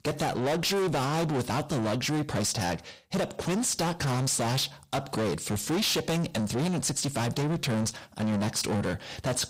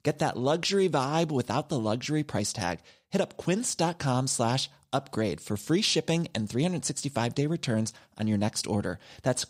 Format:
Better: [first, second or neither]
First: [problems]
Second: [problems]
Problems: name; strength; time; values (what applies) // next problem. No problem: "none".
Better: second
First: distortion; heavy; 6 dB below the speech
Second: none